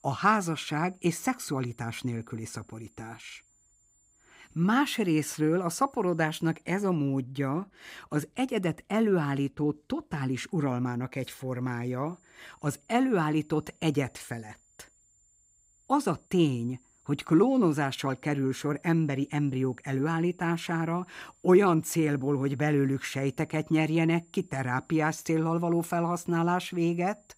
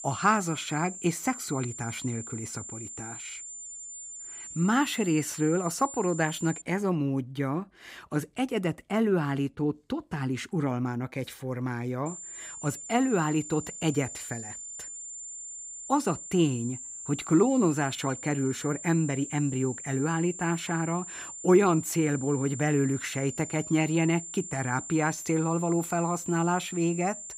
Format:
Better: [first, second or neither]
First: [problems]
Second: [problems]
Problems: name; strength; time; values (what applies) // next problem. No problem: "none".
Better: first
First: high-pitched whine; faint; until 6.5 s and from 12 s on; 7 kHz, 35 dB below the speech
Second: high-pitched whine; loud; until 6.5 s and from 12 s on; 7 kHz, 10 dB below the speech